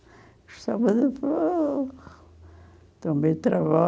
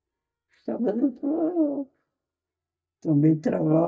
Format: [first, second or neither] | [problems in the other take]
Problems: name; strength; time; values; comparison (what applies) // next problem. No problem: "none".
first | noise reduction (neural mask model DeepFilterNet 3)